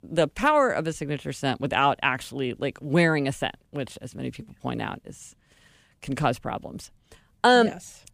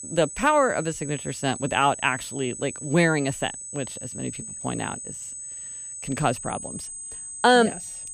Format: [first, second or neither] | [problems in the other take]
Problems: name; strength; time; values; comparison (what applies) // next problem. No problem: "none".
first | high-pitched whine; loud; throughout; 8 kHz, 9 dB below the speech